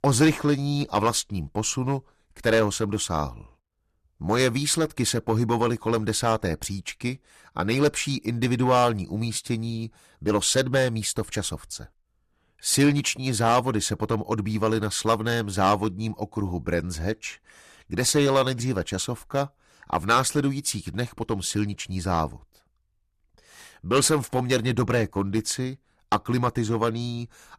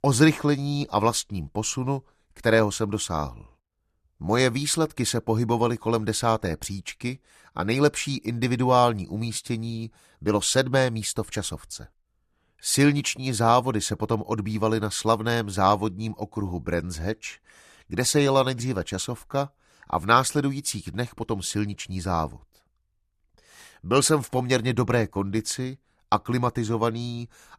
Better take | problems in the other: second | distortion; slight; 2% of the sound clipped

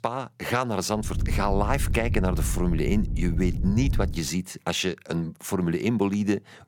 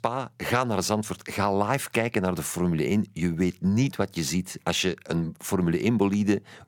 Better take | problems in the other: second | low rumble; noticeable; from 1 to 4 s; 15 dB below the speech

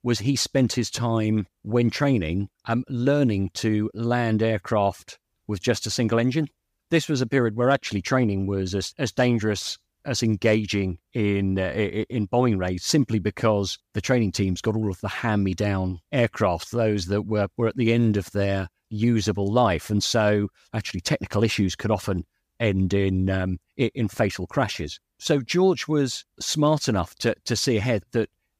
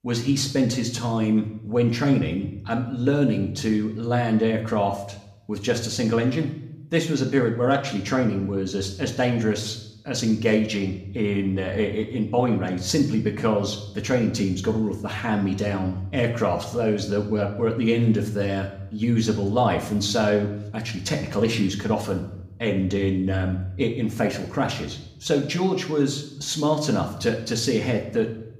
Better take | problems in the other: first | room echo; slight; dies away in 0.7 s // off-mic speech; somewhat distant

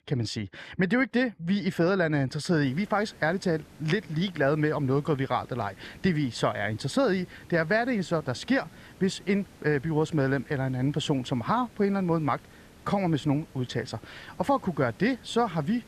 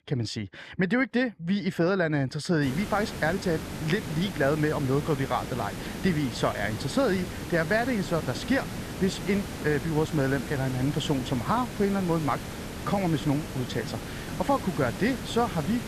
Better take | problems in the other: first | hiss; loud; from 2.5 s on; 8 dB below the speech; faint in the first

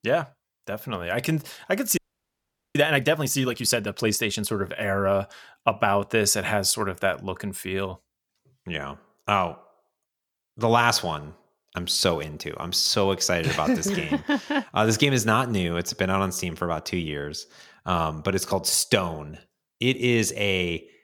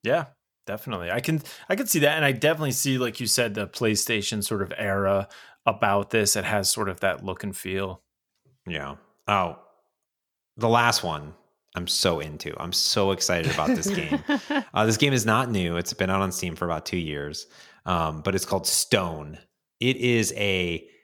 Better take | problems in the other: second | audio freezing; at 2 s for 1 s

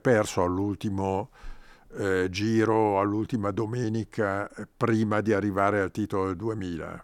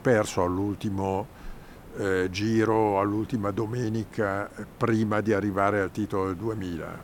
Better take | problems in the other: first | hiss; faint; throughout; 20 dB below the speech

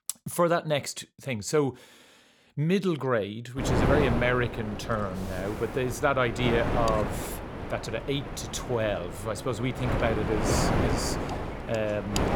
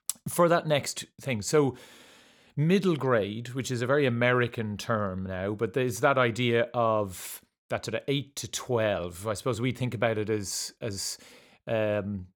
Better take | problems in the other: second | wind noise on the microphone; heavy; from 3.5 s on; 4 dB below the speech

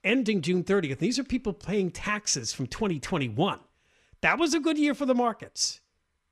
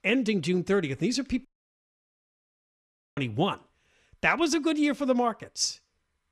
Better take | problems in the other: first | audio cutting out; at 1.5 s for 1.5 s

